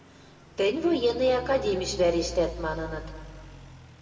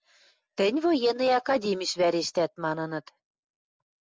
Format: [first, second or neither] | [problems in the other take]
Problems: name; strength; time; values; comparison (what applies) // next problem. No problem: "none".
second | background sound (Idling / Truck); 14 dB below the speech // room echo; dies away in 2.1 s